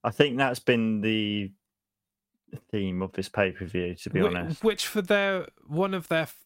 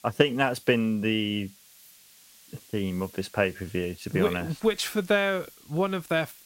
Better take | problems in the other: first | hiss; faint; throughout; 25 dB below the speech

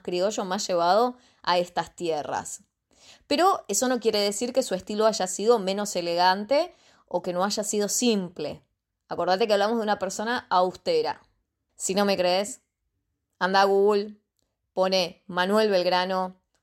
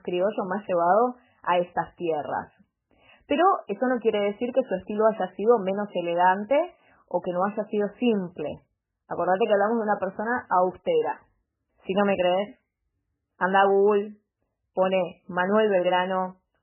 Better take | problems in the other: first | garbled, watery; badly; nothing above 3 kHz

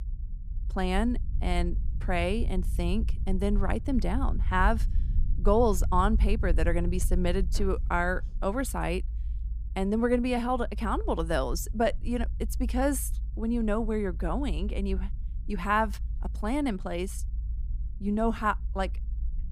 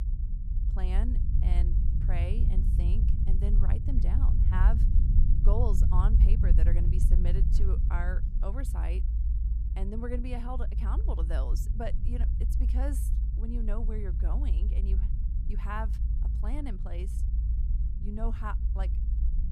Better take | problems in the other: first | low rumble; loud; throughout; 5 dB below the speech; faint in the first

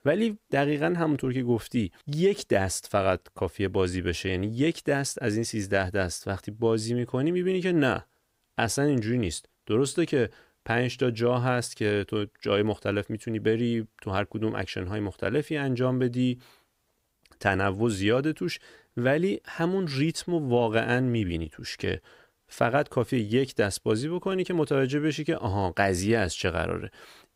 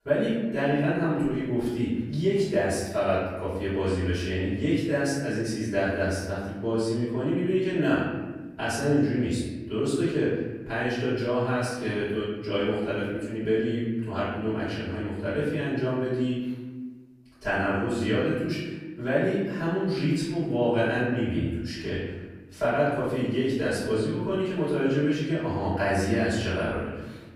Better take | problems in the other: first | off-mic speech; far // room echo; noticeable; dies away in 1.3 s

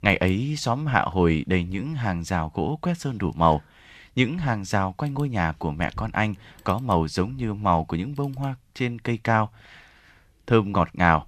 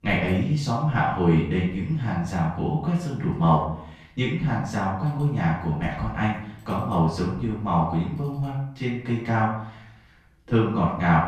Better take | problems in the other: first | off-mic speech; far // room echo; noticeable; dies away in 0.6 s

